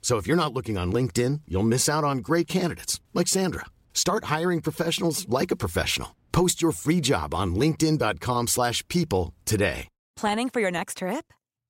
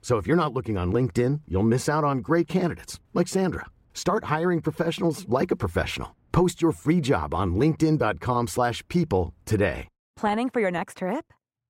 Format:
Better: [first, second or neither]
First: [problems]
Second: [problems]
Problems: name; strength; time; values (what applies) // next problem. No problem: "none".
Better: first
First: none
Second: muffled; slightly; fading above 3 kHz